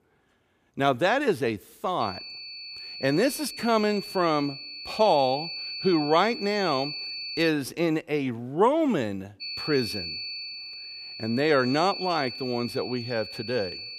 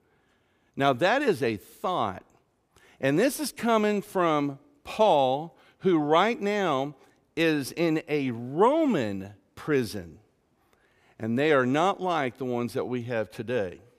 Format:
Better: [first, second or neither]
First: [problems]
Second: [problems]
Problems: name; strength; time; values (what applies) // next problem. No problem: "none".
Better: second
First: high-pitched whine; loud; from 2 to 7.5 s and from 9.5 s on; 4.5 kHz, 9 dB below the speech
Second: none